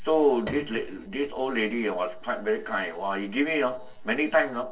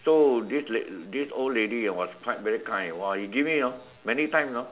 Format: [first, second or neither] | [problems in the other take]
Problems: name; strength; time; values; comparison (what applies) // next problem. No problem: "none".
second | noise reduction (neural separator model SepFormer DNS4)